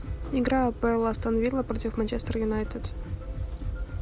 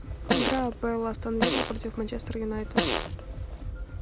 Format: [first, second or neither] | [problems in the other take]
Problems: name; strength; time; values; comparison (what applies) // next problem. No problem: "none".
first | background sound (Fart); as loud as the speech